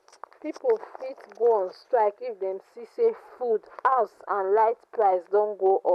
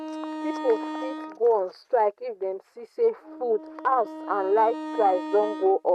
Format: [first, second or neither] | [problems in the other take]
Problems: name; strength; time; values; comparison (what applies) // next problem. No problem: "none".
first | noise reduction (neural mask model RNNoise)